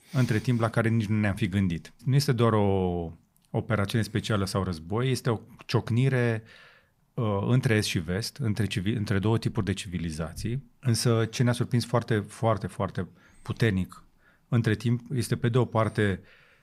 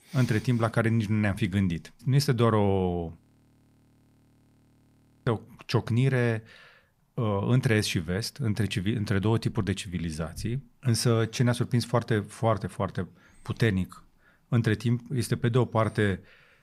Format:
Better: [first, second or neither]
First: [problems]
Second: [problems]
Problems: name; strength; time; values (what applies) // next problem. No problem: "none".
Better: first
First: none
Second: audio freezing; at 3 s for 2 s